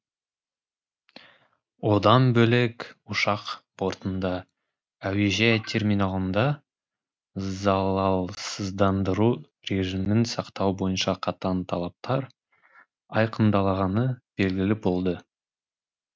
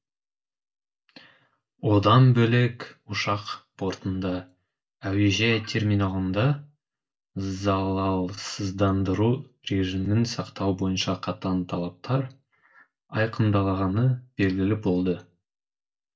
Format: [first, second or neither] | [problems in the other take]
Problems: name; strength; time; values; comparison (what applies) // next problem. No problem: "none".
first | room echo; dies away in 0.2 s